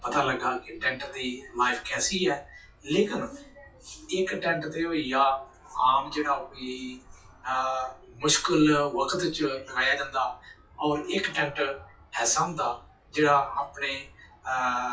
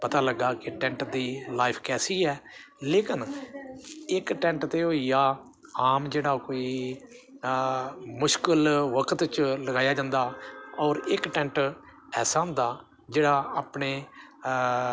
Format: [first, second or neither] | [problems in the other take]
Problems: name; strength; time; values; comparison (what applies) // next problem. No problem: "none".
second | noise reduction (classical method WPE with log-MMSE)